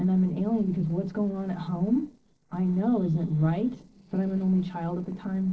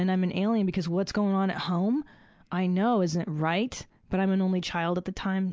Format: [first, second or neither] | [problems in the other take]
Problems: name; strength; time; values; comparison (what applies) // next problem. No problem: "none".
second | noise reduction (neural separator model SepFormer DNS4)